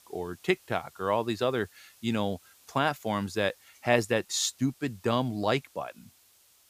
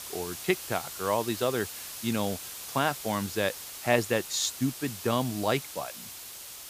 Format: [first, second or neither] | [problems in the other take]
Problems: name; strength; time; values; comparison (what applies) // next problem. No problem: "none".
first | hiss; loud; throughout; 8 dB below the speech; faint in the first